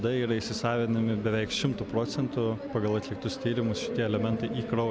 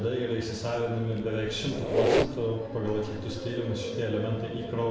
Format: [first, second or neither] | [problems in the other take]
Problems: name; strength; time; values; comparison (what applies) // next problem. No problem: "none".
first | background sound (Squeak); 2 dB below the speech // room echo; dies away in 0.8 s